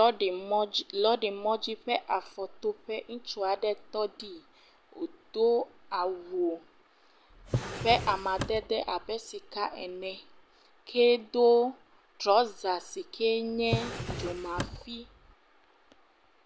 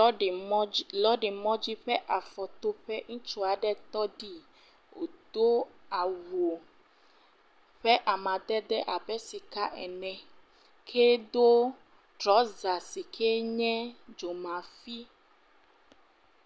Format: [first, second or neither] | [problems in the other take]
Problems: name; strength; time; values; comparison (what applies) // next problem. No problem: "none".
second | background sound (Drawer open or close); 6 dB below the speech